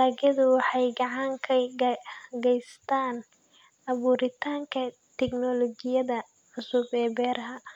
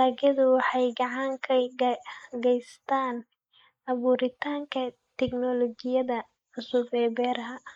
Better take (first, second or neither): first